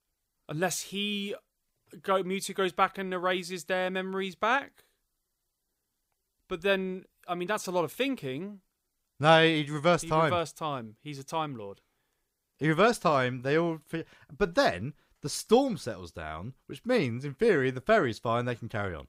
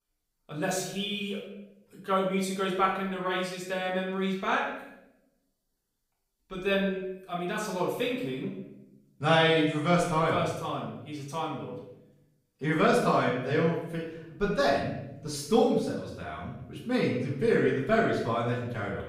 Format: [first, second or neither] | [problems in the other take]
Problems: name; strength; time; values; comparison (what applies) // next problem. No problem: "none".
first | off-mic speech; far // room echo; noticeable; dies away in 0.8 s